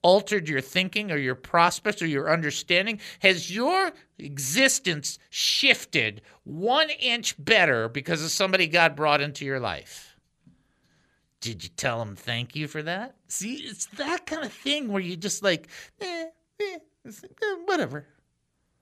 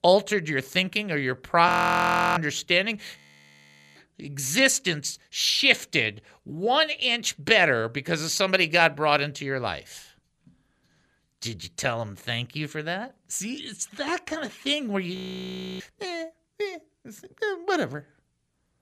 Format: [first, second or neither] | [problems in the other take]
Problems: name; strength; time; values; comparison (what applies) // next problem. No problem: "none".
first | audio freezing; at 1.5 s for 0.5 s, at 3 s for 1 s and at 15 s for 0.5 s